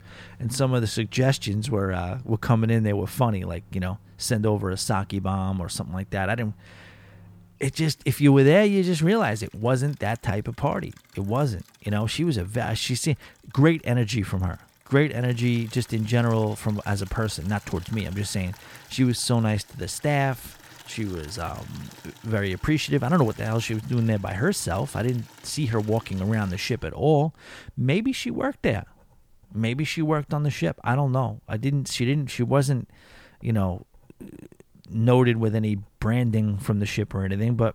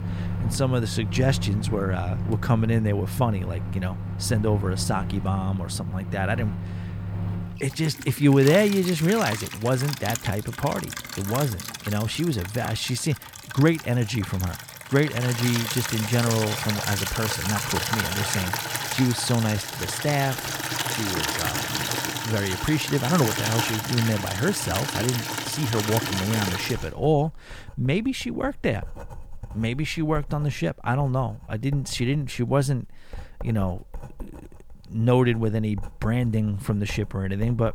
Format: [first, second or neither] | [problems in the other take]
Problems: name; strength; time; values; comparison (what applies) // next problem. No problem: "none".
first | household noises; loud; throughout; 4 dB below the speech; faint in the first